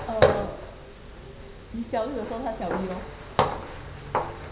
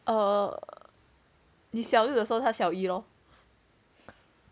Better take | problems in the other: second | background sound (Walk, footsteps); 5 dB above the speech // room echo; dies away in 0.5 s

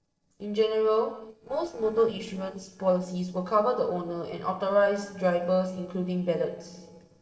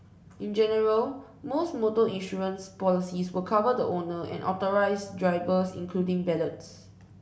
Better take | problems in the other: second | noise reduction (neural separator model SepFormer DNS4)

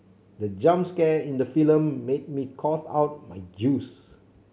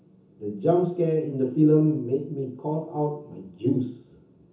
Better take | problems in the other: first | room echo; dies away in 0.6 s

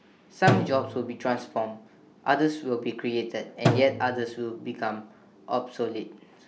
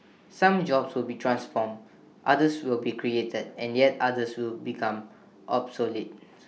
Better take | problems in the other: second | background sound (Drum); 3 dB below the speech

